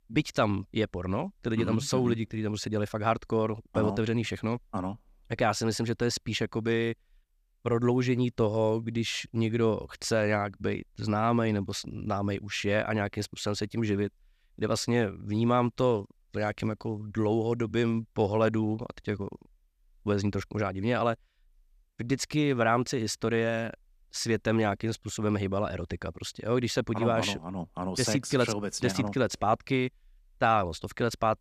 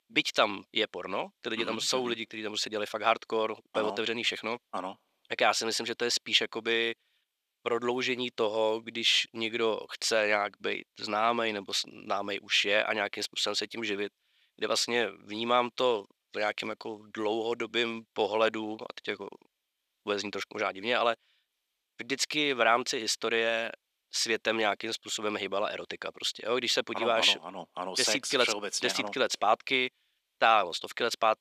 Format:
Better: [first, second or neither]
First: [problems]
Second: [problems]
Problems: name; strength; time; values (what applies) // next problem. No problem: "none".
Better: first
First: none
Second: thin; somewhat; fading below 450 Hz